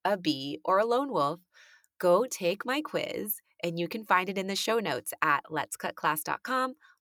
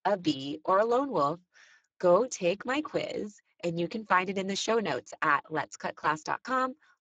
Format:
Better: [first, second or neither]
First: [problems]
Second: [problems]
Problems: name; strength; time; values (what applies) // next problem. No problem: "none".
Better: first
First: none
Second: garbled, watery; badly; nothing above 7.5 kHz